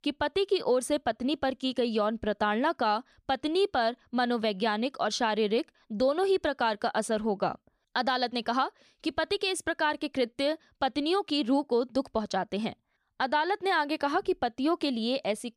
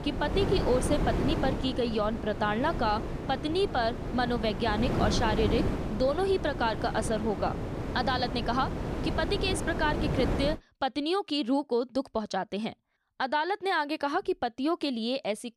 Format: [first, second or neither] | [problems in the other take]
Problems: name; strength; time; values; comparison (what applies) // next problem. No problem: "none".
first | wind noise on the microphone; heavy; until 11 s; 7 dB below the speech